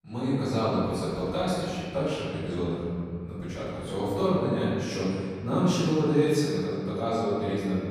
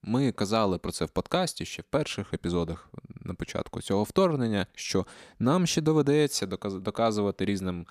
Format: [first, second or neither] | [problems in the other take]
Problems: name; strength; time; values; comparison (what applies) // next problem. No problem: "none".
second | off-mic speech; far // room echo; strong; dies away in 2.2 s